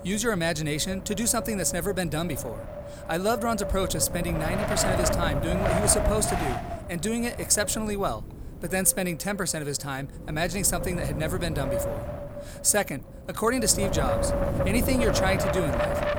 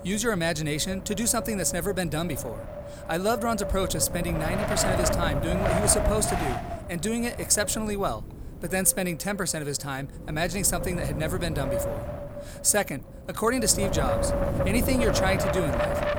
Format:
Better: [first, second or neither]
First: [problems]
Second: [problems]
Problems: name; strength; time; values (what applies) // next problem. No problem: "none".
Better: neither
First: wind noise on the microphone; heavy; 2 dB below the speech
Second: wind noise on the microphone; heavy; 2 dB below the speech